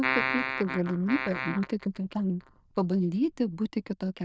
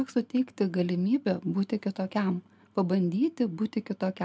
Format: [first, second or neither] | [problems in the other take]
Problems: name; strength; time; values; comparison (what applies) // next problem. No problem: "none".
second | noise reduction (neural diffusion model UNIVERSE++)